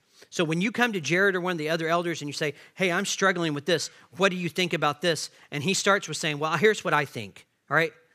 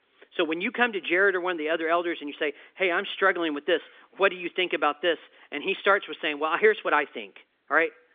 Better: first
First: none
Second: phone-call audio; nothing above 3.5 kHz

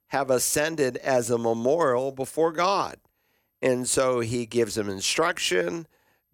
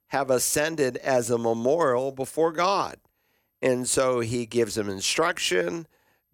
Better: neither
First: none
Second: none

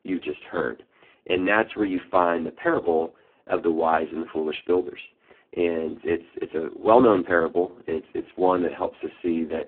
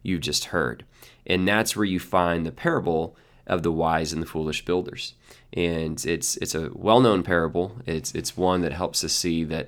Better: second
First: phone-call audio; poor line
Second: none

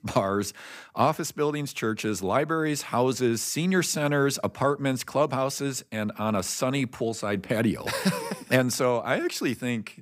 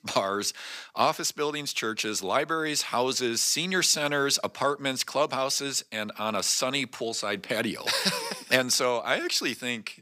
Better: first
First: none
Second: thin; very slightly; fading below 500 Hz

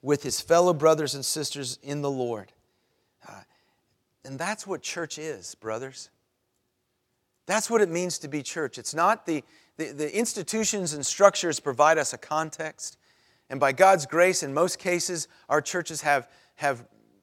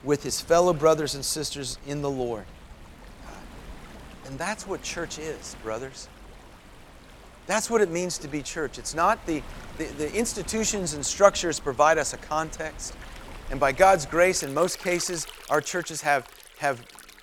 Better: first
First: none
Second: rain or running water; noticeable; throughout; 20 dB below the speech

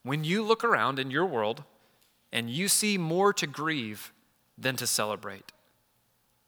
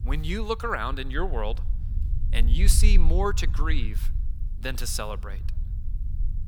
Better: first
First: none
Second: low rumble; noticeable; throughout; 20 dB below the speech

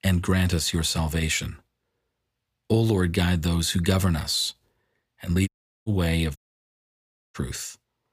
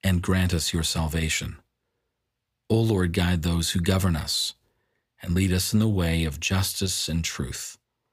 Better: second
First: audio cutting out; at 5.5 s and at 6.5 s for 1 s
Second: none

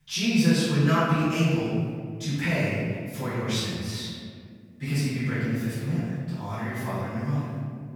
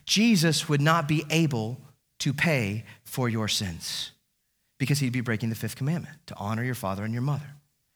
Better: second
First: off-mic speech; far // room echo; strong; dies away in 2 s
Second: none

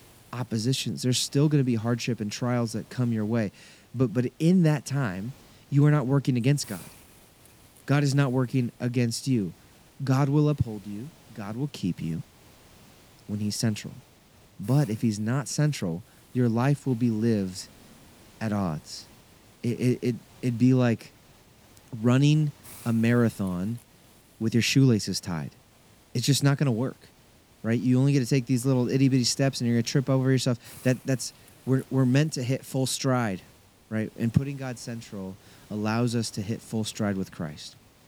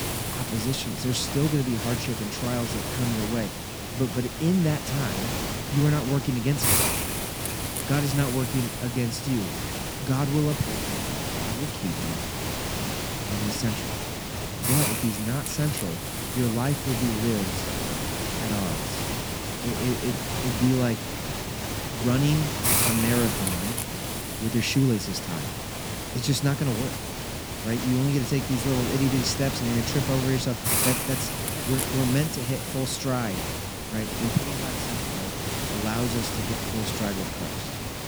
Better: first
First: hiss; faint; throughout; 25 dB below the speech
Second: hiss; loud; throughout; 1 dB below the speech

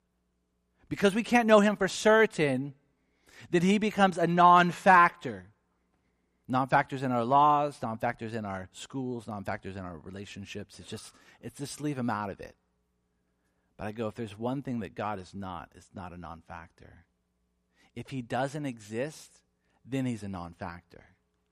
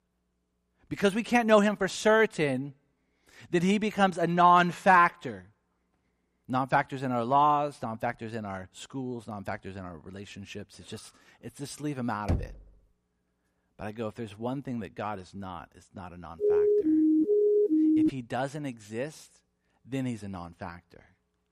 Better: first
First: none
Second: door banging; noticeable; at 12 s; peak 6 dB below the speech // siren; loud; from 16 to 18 s; peak 4 dB above the speech

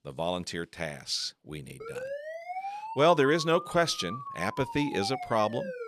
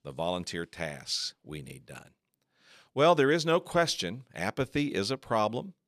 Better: second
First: siren; noticeable; from 2 s on; peak 9 dB below the speech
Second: none

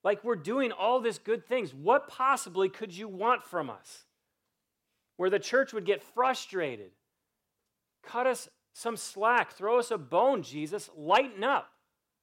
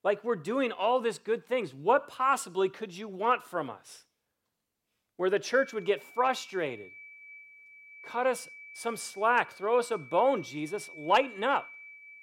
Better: first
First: none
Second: high-pitched whine; noticeable; from 5.5 s on; 2.5 kHz, 20 dB below the speech

